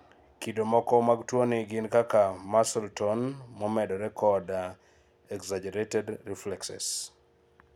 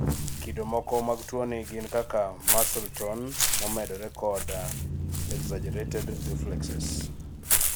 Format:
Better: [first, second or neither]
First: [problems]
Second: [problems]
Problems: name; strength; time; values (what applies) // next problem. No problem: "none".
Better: first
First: none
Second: background sound (Walk, footsteps / Bird + Engine starting / Accelerating, revving, vroom / Motor vehicle (road)); 3 dB above the speech